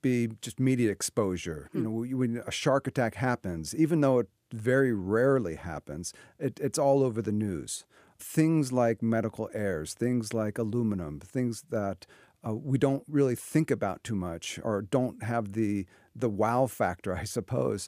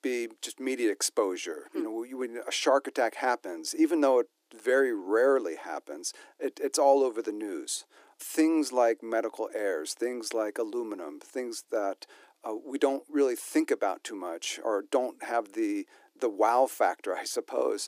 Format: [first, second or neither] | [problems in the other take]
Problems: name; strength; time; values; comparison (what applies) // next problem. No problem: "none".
first | thin; somewhat; fading below 300 Hz